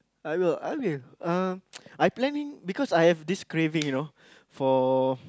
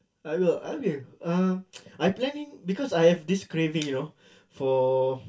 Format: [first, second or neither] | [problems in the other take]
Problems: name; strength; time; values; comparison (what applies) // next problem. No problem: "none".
first | room echo; dies away in 0.2 s